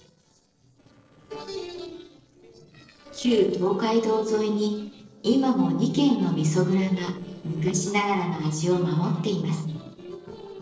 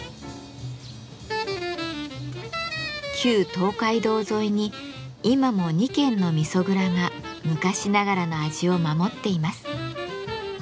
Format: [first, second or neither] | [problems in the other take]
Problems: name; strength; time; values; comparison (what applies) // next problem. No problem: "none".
second | noise reduction (neural separator model SepFormer DNS4)